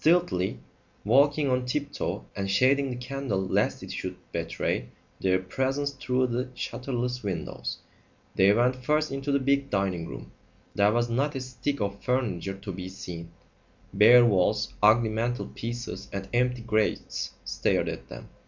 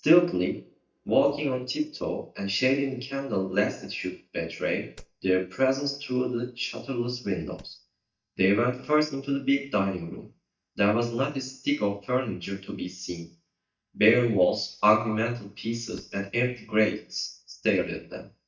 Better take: first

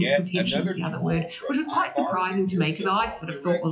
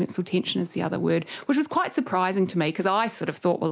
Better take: second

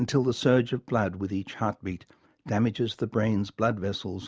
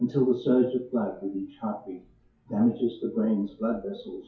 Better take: first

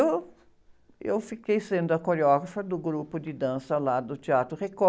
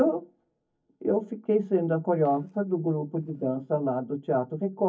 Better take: first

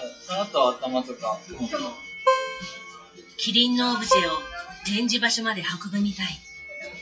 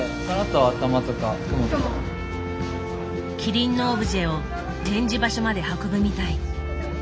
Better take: second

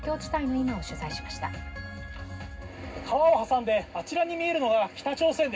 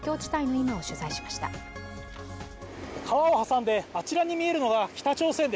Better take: second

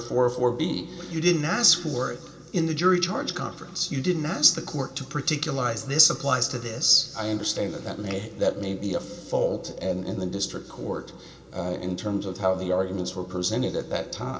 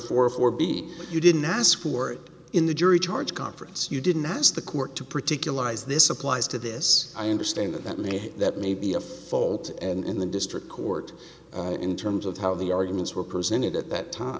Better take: second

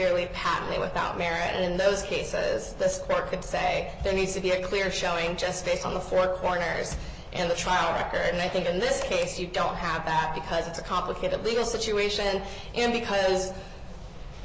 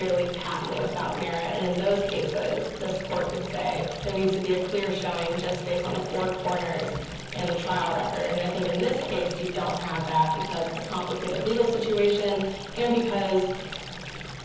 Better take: first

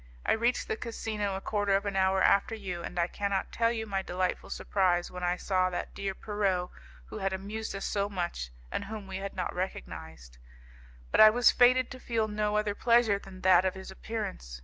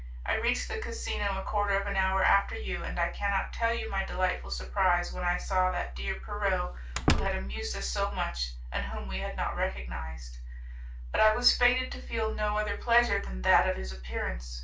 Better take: first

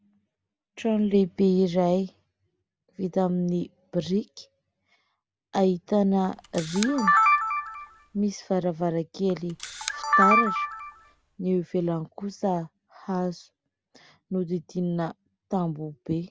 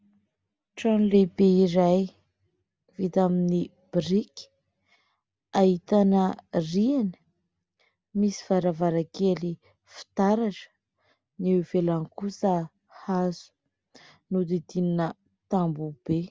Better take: second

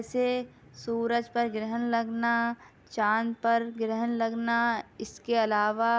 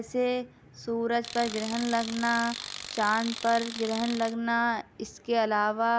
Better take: first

